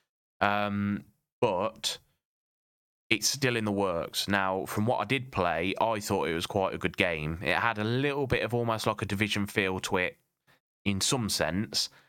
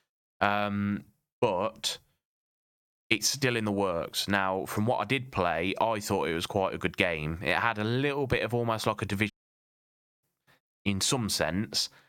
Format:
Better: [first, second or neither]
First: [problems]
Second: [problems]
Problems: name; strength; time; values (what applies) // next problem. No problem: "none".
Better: first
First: none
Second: audio cutting out; at 9.5 s for 1 s